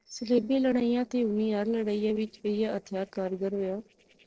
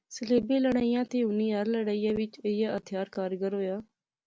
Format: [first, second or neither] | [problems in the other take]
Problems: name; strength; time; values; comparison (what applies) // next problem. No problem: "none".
second | noise reduction (neural separator model SepFormer DNS4)